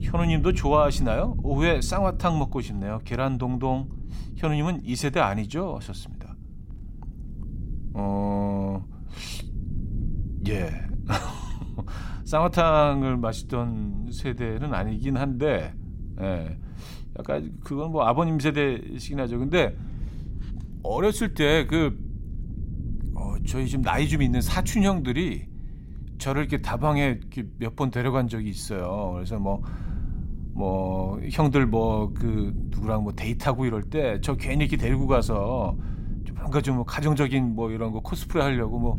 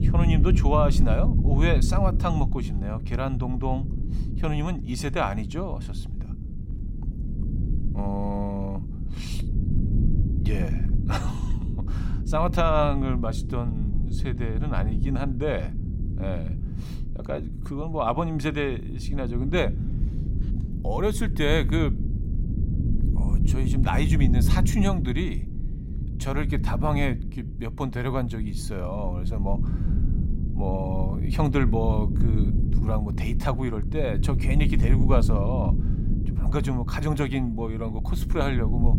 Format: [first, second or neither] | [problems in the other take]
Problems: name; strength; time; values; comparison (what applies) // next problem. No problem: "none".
first | low rumble; loud; throughout; 10 dB below the speech; faint in the first